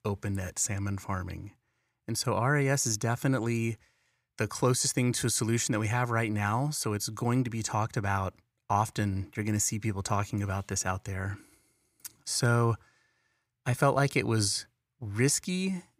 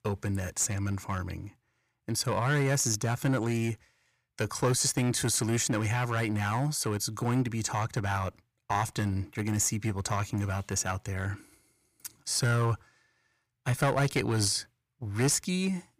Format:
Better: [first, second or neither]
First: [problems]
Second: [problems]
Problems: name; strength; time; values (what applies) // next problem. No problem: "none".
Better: first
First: none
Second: distortion; slight; 4% of the sound clipped